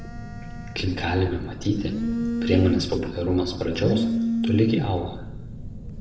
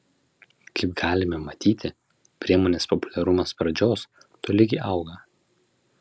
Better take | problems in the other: second | background sound (Telephone); 2 dB below the speech // room echo; dies away in 0.8 s

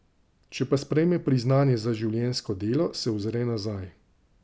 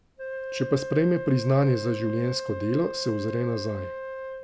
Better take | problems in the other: first | background sound (Wind instrument, woodwind instrument); 8 dB below the speech

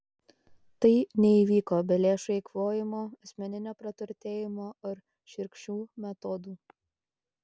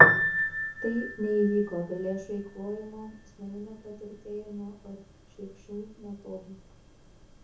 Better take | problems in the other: first | background sound (Piano); 4 dB above the speech // room echo; dies away in 0.7 s

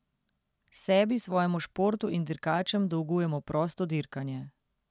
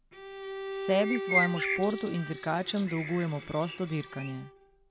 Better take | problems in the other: first | background sound (Bowed string instrument + Bird); 4 dB below the speech

